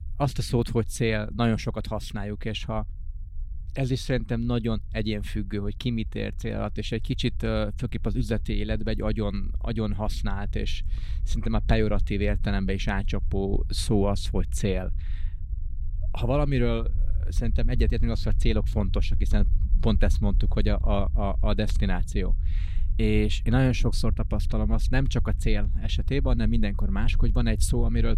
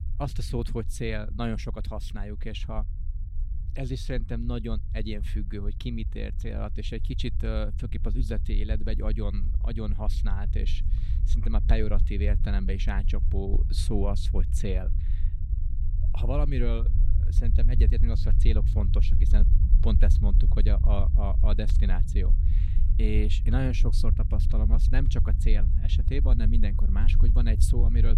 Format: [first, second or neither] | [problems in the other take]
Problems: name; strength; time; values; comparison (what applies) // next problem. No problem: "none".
first | low rumble; loud; throughout; 9 dB below the speech; faint in the first